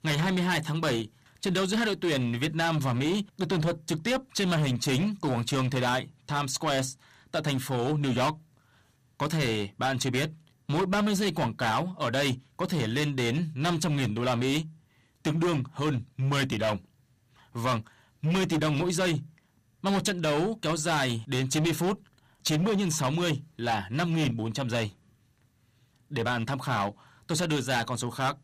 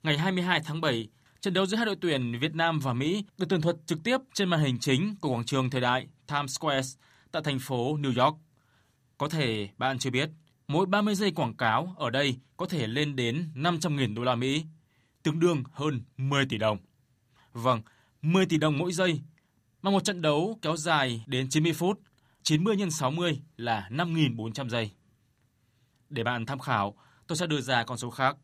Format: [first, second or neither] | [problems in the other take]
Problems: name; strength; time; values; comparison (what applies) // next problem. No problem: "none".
second | distortion; heavy; 14% of the sound clipped